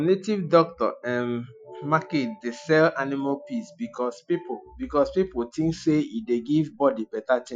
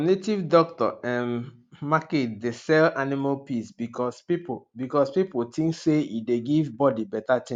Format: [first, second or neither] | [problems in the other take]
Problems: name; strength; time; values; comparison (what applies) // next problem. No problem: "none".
second | noise reduction (classical method Wiener filter)